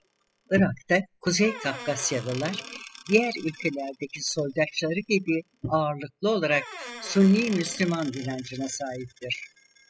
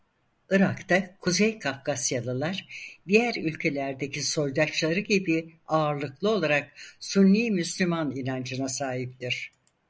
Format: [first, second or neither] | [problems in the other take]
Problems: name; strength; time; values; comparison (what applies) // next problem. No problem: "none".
second | noise reduction (classical method spectral subtraction)